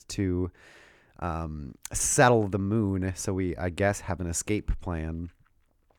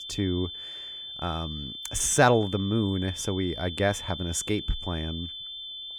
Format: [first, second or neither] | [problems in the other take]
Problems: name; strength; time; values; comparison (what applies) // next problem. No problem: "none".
first | high-pitched whine; loud; throughout; 3.5 kHz, 8 dB below the speech